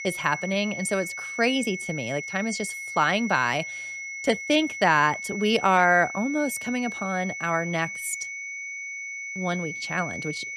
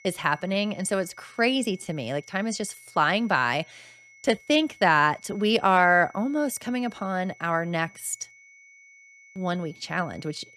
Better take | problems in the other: second | high-pitched whine; loud; throughout; 2 kHz, 7 dB below the speech; faint in the second

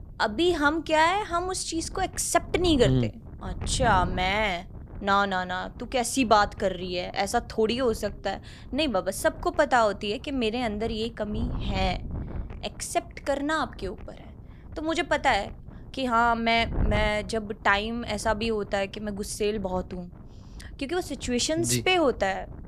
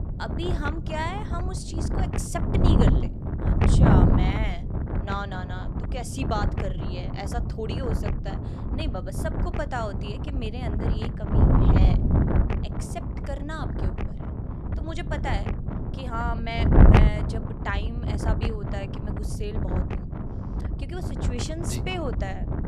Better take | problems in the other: first | wind noise on the microphone; heavy; as loud as the speech; occasional gusts in the first

